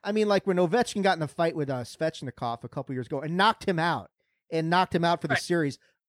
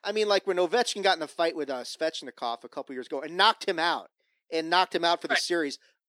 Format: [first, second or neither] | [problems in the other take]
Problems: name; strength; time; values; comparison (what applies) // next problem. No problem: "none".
first | thin; somewhat; fading below 300 Hz